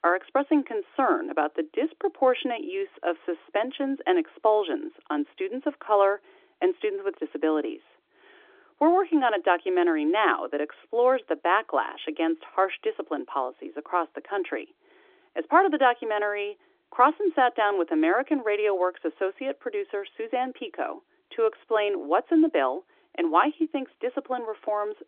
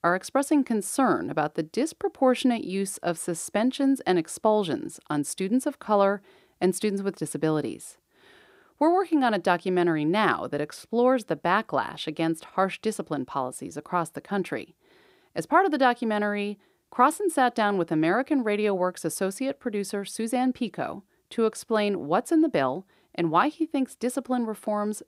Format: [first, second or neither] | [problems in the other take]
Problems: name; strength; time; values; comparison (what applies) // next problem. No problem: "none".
second | phone-call audio; nothing above 3.5 kHz